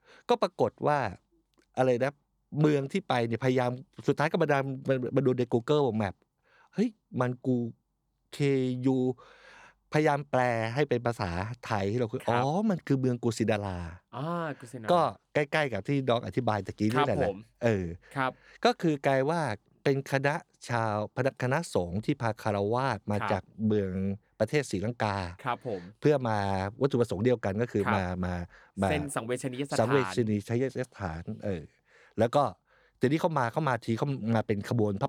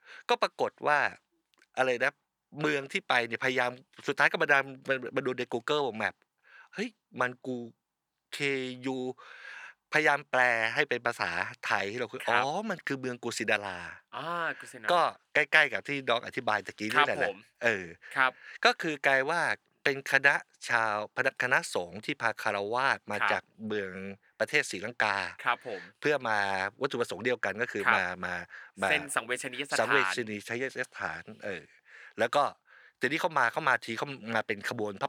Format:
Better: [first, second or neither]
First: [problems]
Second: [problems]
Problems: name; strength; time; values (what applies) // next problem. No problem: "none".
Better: first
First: none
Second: thin; somewhat; fading below 900 Hz